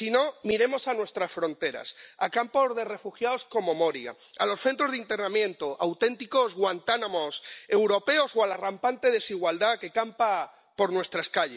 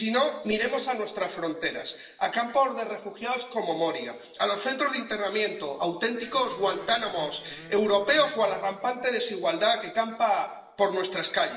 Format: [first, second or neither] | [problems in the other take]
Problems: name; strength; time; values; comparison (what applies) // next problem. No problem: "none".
first | noise reduction (neural separator model SepFormer DNS4)